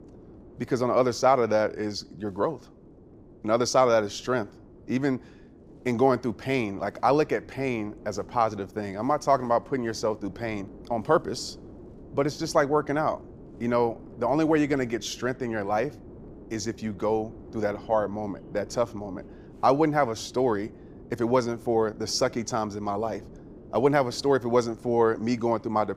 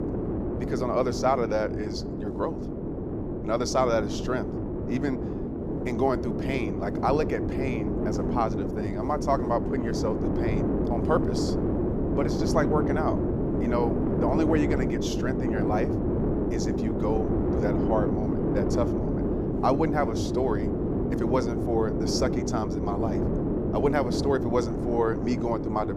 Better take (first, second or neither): first